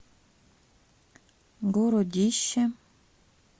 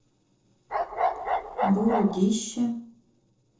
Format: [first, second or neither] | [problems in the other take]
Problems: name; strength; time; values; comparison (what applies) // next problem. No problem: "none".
first | noise reduction (neural separator model SepFormer DNS4)